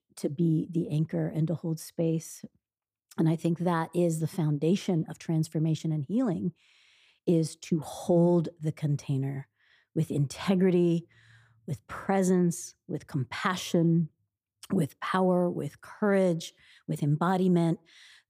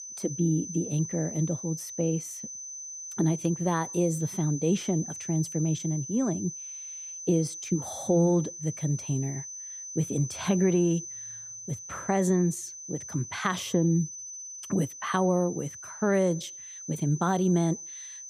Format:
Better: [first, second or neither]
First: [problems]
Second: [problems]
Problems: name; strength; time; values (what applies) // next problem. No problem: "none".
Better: first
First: none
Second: high-pitched whine; loud; throughout; 6 kHz, 9 dB below the speech